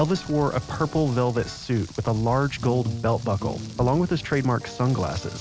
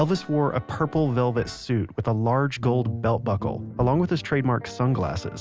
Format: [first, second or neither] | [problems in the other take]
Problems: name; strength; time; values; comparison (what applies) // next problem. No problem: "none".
second | background sound (Rain); 18 dB below the speech